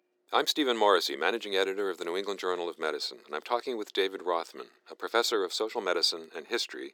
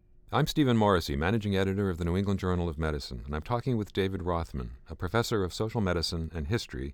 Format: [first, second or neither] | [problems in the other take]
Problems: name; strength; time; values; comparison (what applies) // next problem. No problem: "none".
second | thin; very; fading below 350 Hz